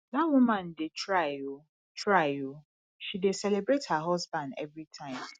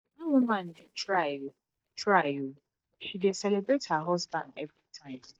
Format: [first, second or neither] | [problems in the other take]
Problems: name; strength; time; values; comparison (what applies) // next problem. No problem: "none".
first | noise reduction (neural mask model DeepFilterNet 3)